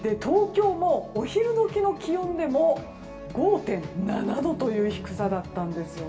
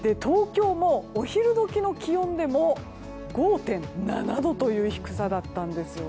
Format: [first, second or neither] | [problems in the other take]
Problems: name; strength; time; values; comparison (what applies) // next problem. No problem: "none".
second | room echo; dies away in 0.8 s